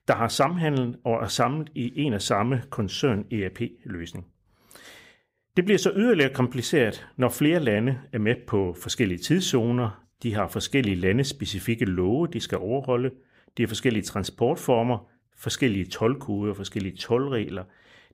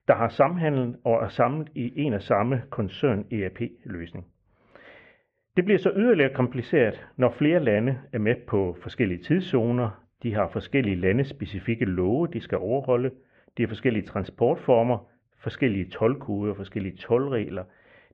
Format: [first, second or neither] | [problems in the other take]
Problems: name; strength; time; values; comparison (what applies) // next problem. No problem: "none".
first | muffled; very; fading above 2.5 kHz